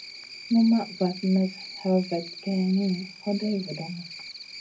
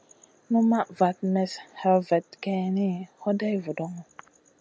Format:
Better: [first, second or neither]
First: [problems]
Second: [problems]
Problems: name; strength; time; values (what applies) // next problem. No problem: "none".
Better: second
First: background sound (Cricket); 15 dB below the speech // room echo; dies away in 0.3 s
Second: none